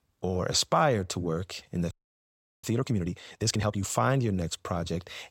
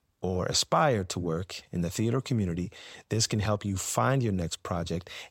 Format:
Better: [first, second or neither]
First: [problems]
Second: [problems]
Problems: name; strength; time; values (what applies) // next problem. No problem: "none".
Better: second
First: audio freezing; at 2 s for 0.5 s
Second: none